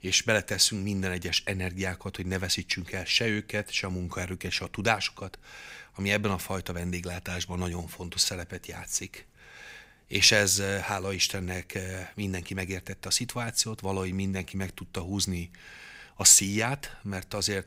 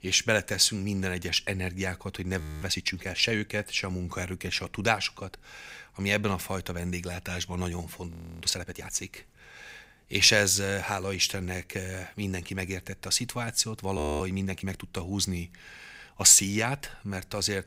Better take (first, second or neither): first